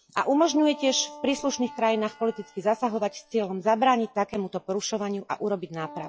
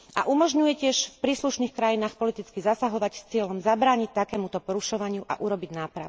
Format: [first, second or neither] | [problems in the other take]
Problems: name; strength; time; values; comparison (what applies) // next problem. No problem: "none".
second | noise reduction (classical method log-MMSE)